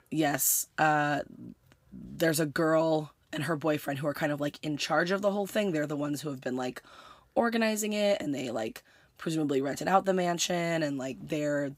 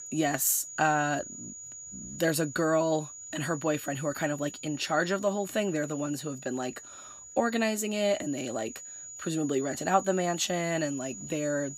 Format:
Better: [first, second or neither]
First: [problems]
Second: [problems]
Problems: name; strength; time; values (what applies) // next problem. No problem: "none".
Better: first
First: none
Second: high-pitched whine; noticeable; throughout; 7 kHz, 10 dB below the speech